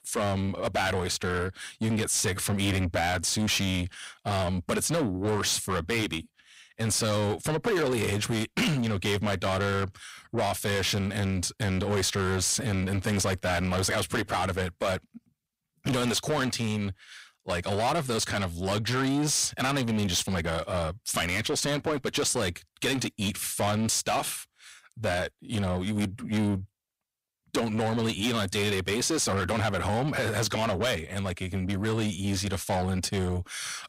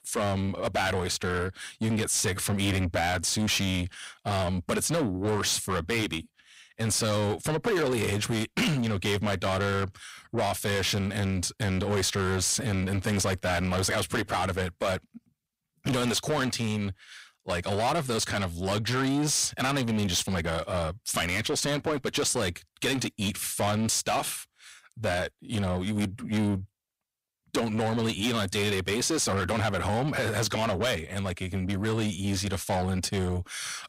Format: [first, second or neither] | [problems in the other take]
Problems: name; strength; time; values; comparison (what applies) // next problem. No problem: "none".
neither | distortion; heavy; 6 dB below the speech; the same in both